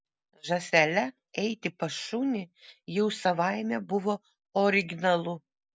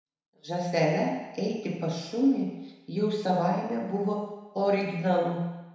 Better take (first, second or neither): first